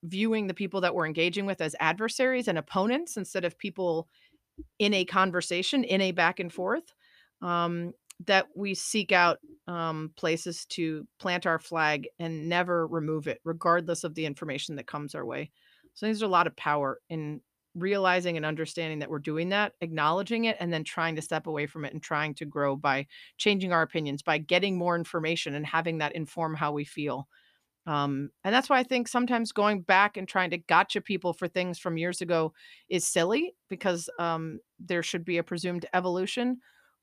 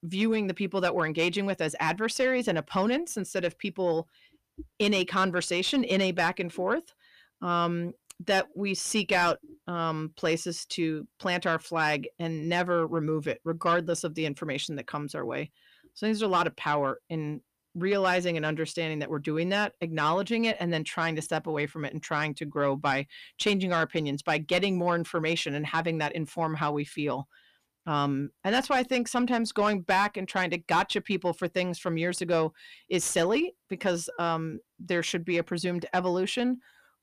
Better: first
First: none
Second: distortion; slight; 10 dB below the speech

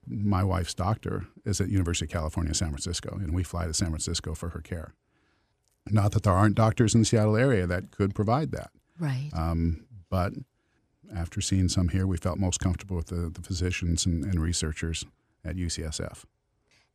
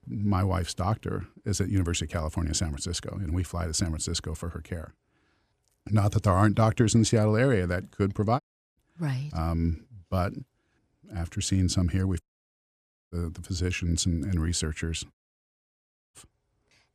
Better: first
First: none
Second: audio cutting out; at 8.5 s, at 12 s for 1 s and at 15 s for 1 s

